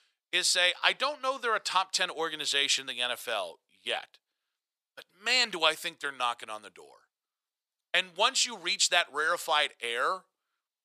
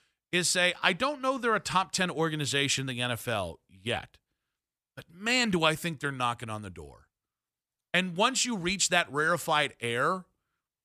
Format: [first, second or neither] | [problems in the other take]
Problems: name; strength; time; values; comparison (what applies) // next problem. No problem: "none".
second | thin; very; fading below 600 Hz